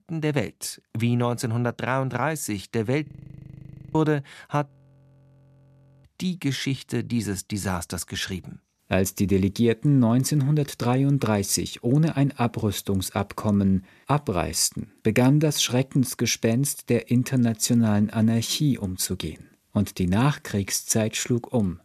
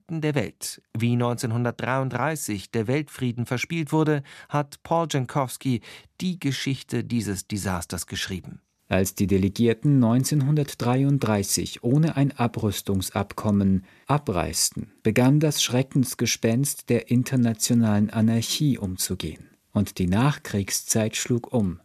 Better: second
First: audio freezing; at 3 s for 1 s and at 4.5 s for 1.5 s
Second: none

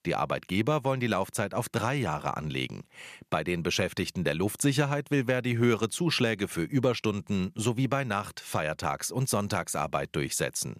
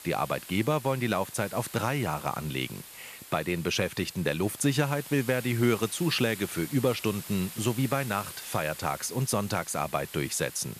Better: first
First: none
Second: hiss; noticeable; throughout; 15 dB below the speech

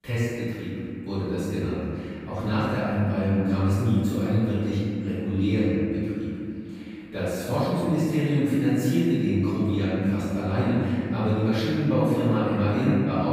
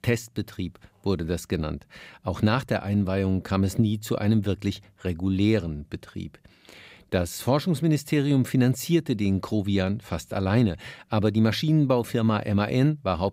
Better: second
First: off-mic speech; far // room echo; strong; dies away in 2.5 s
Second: none

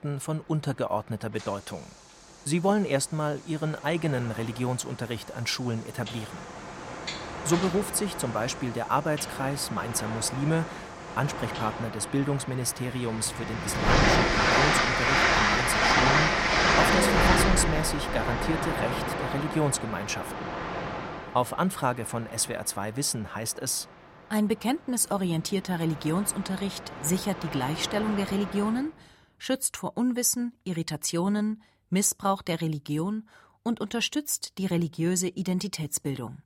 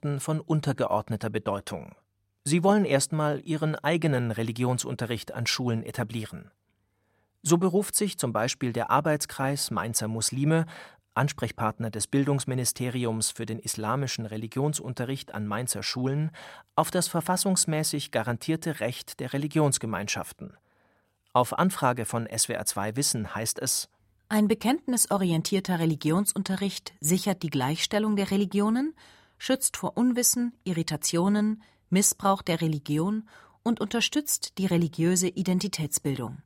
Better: second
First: train or aircraft noise; very loud; until 29 s; 2 dB above the speech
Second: none

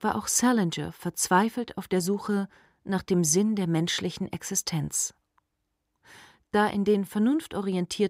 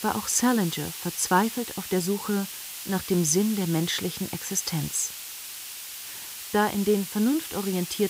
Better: first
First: none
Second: hiss; loud; throughout; 8 dB below the speech

